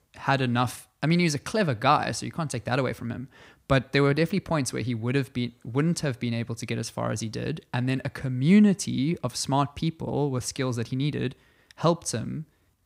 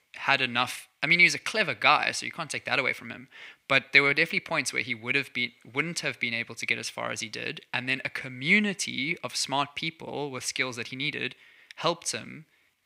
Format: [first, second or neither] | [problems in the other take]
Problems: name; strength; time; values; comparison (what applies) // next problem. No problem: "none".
first | thin; somewhat; fading below 500 Hz